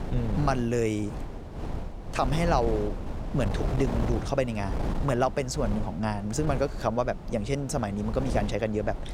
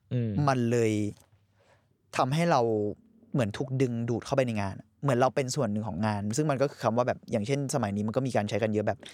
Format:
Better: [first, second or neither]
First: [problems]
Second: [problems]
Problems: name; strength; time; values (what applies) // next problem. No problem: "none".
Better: second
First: wind noise on the microphone; occasional gusts; 10 dB below the speech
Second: none